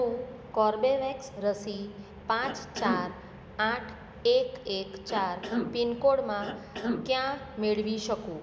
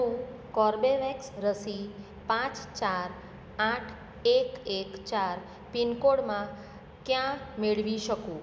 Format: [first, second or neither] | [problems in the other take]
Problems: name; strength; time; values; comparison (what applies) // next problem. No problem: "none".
second | background sound (Cough); 5 dB below the speech